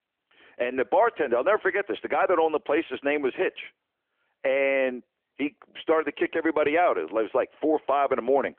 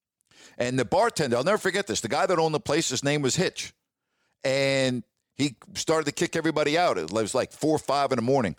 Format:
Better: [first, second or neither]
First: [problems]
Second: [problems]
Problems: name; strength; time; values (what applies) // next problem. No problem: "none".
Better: second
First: phone-call audio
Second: none